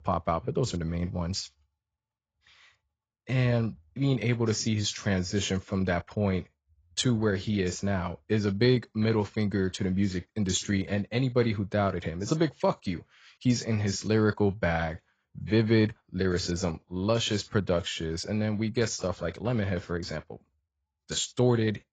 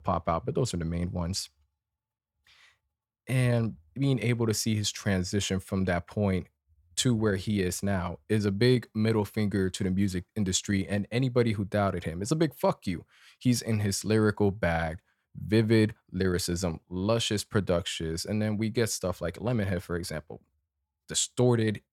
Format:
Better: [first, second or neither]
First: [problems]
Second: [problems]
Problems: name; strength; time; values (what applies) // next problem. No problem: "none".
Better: second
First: garbled, watery; badly; nothing above 7.5 kHz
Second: none